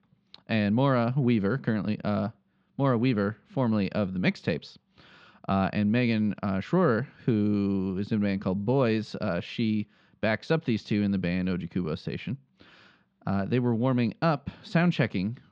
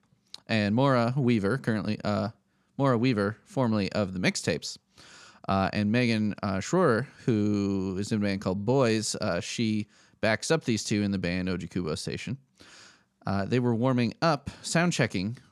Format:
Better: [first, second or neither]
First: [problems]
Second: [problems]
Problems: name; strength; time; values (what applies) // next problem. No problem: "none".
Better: second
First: muffled; slightly; fading above 3.5 kHz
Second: none